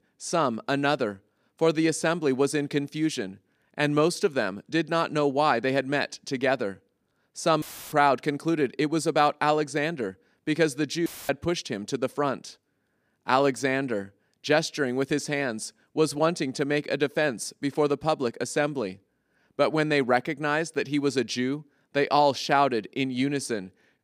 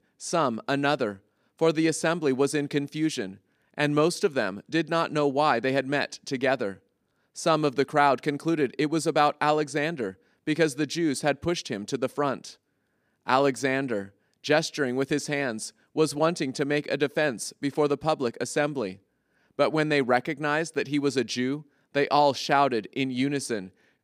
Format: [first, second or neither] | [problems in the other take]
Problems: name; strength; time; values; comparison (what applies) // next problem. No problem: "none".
second | audio cutting out; filled with static; at 7.5 s and at 11 s